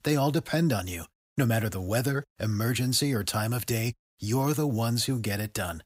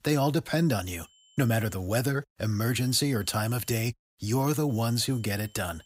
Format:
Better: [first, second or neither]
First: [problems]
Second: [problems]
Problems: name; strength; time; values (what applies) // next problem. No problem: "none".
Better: first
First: none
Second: high-pitched whine; faint; at 1 s, from 2.5 to 4 s and from 4.5 s on; 3 kHz, 30 dB below the speech